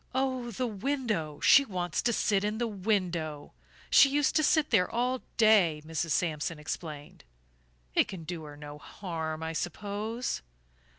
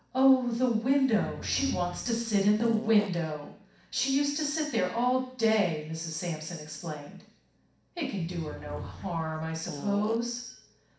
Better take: first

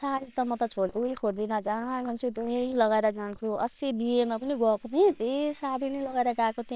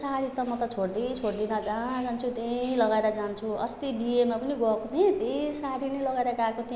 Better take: second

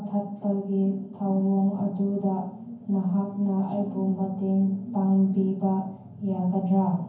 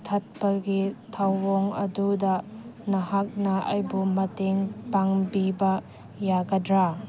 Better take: second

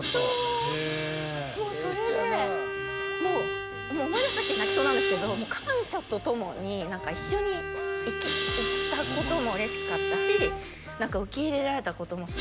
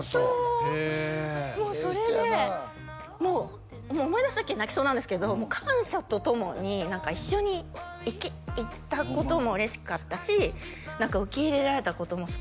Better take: second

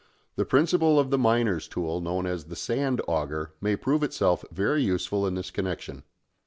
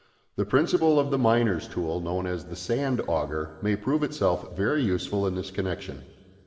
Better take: first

